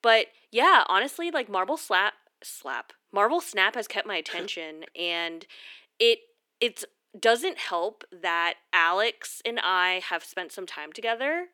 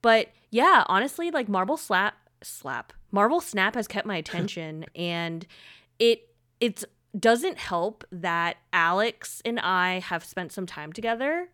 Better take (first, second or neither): second